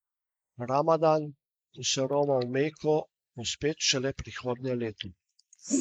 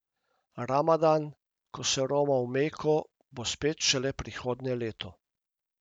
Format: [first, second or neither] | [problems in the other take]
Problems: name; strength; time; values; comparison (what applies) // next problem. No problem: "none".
second | noise reduction (neural mask model Resemble Enhance denoiser)